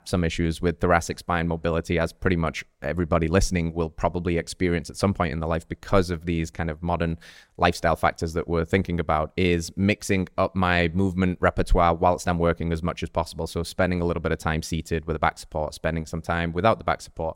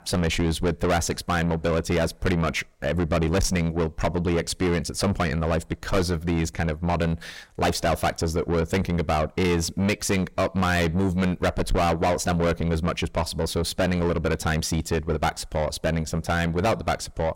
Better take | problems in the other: first | distortion; heavy; 6 dB below the speech

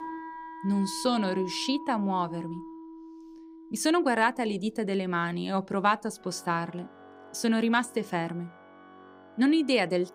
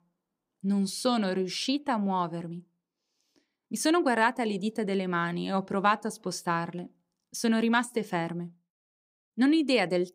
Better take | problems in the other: second | background music; noticeable; throughout; 15 dB below the speech

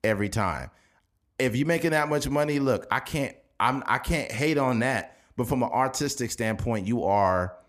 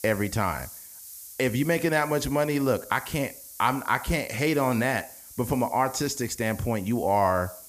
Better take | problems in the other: first | hiss; noticeable; throughout; 15 dB below the speech

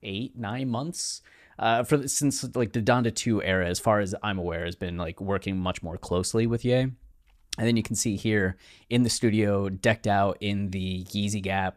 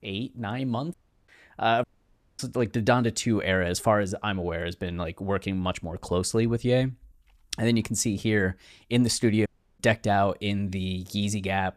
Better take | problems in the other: first | audio cutting out; at 1 s, at 2 s for 0.5 s and at 9.5 s

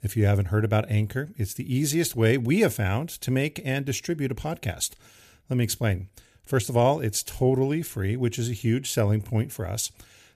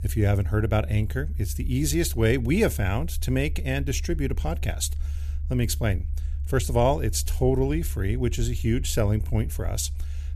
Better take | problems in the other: first | low rumble; faint; throughout; 20 dB below the speech

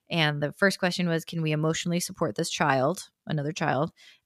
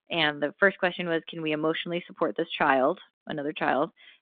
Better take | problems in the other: first | phone-call audio

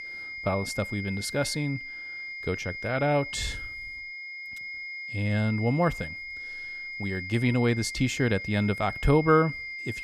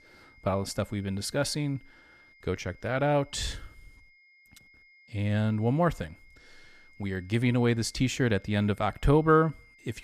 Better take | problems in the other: second | high-pitched whine; loud; throughout; 2 kHz, 8 dB below the speech; faint in the second

